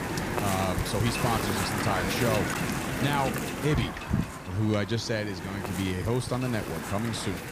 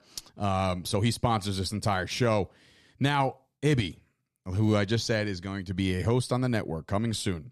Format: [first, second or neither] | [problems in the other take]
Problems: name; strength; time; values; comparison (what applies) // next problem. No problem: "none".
second | wind noise on the microphone; heavy; 1 dB below the speech